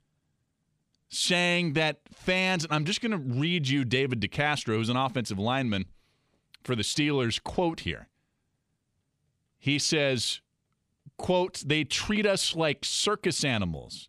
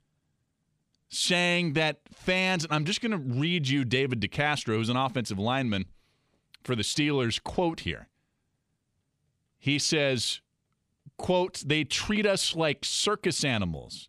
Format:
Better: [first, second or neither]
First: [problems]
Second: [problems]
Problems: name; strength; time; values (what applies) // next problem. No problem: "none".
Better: neither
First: none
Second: none